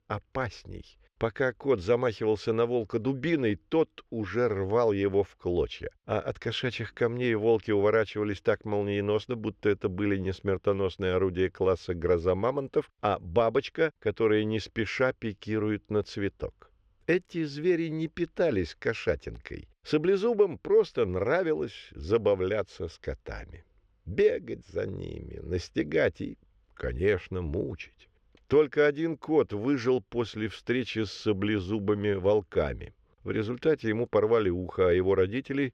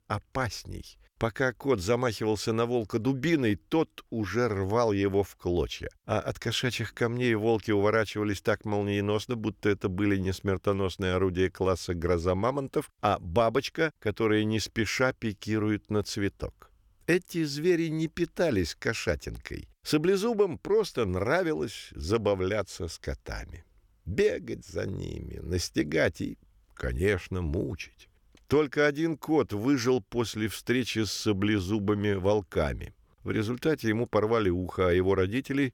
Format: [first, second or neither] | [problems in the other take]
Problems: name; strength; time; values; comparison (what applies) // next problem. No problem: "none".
second | muffled; slightly; fading above 3.5 kHz